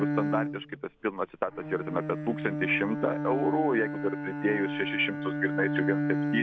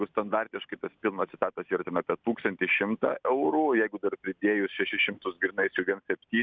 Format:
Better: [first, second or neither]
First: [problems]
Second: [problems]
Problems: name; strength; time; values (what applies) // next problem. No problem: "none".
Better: second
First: background sound (Bowed string instrument); 2 dB below the speech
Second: none